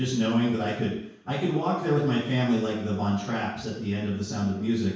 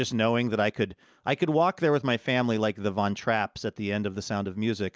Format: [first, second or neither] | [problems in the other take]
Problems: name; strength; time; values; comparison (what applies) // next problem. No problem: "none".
second | room echo; dies away in 0.6 s